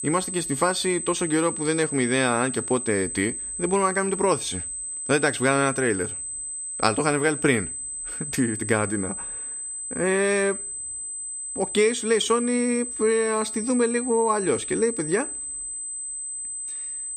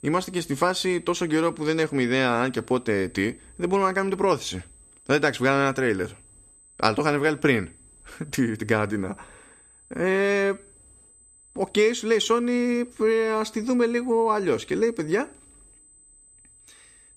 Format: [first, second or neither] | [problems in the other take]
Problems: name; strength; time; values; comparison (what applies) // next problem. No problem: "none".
second | high-pitched whine; loud; throughout; 8 kHz, 5 dB below the speech; faint in the second